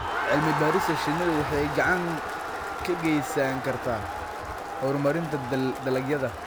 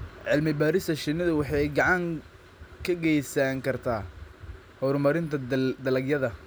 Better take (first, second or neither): second